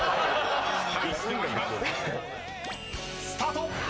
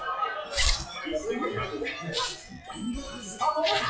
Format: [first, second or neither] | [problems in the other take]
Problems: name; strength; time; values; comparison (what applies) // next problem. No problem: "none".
first | noise reduction (classical method WPE with log-MMSE)